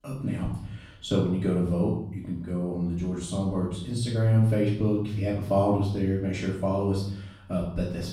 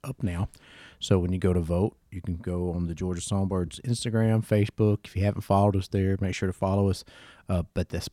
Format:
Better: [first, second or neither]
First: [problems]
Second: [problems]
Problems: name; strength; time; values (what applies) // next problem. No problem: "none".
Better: second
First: off-mic speech; far // room echo; noticeable; dies away in 0.6 s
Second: none